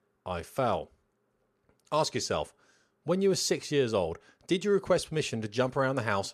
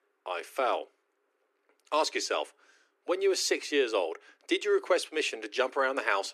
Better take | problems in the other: first | thin; somewhat; fading below 300 Hz

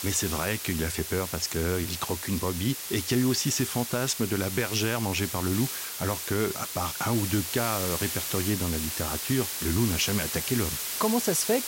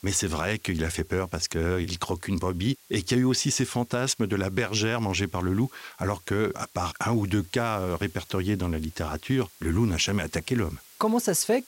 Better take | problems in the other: second | hiss; loud; throughout; 3 dB below the speech; faint in the second

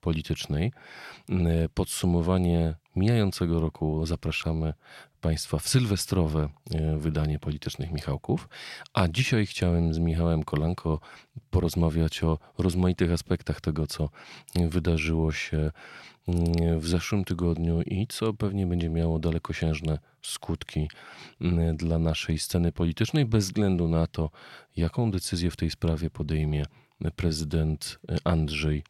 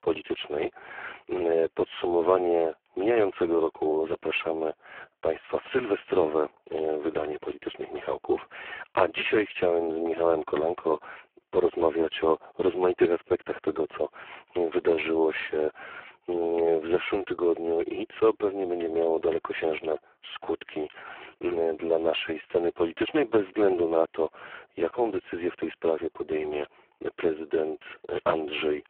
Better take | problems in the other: first | phone-call audio; poor line

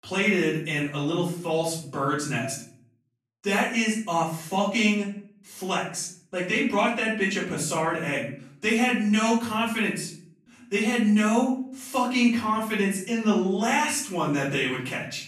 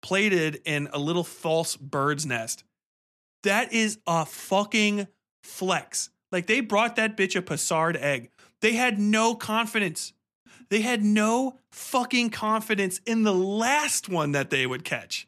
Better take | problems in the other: second | off-mic speech; far // room echo; noticeable; dies away in 0.5 s

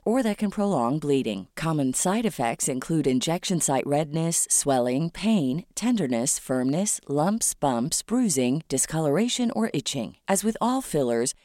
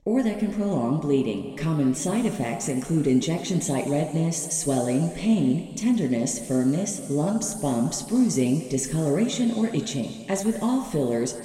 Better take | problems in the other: first | room echo; noticeable; dies away in 2.1 s // off-mic speech; somewhat distant

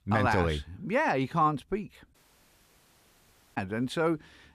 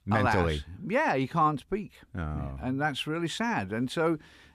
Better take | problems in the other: second | audio cutting out; at 2 s for 1.5 s

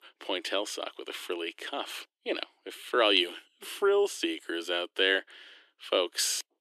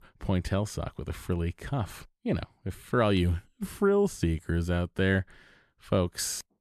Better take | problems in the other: second | thin; very; fading below 300 Hz

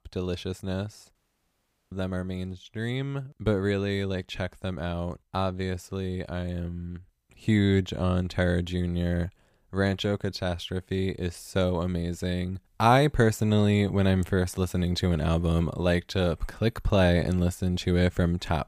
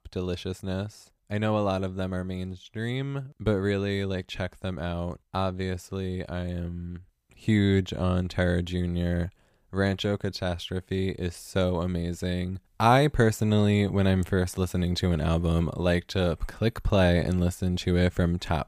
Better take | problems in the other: second | audio cutting out; at 1 s for 1 s

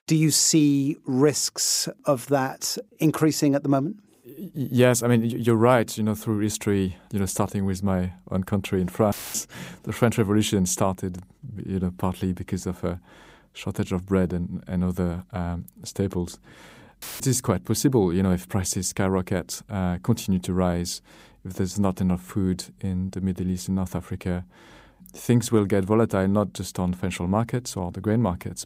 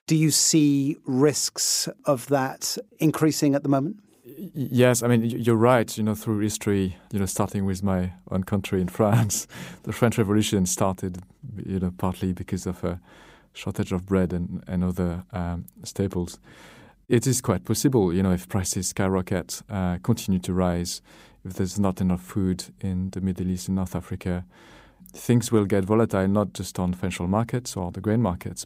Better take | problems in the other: second | audio cutting out; filled with static; at 9 s and at 17 s

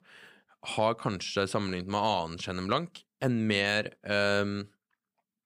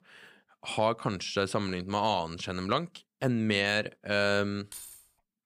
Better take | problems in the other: first | jangling keys; faint; at 4.5 s; peak 15 dB below the speech

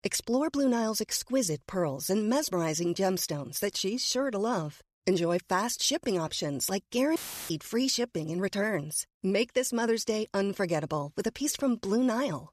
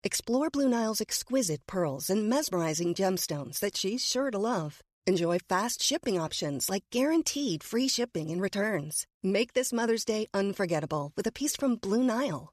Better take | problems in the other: second | audio cutting out; filled with static; at 7 s

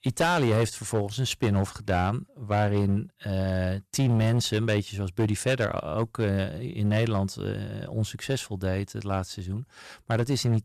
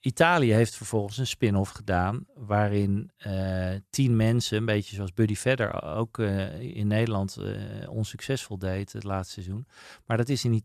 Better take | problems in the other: second | distortion; slight; 10% of the sound clipped

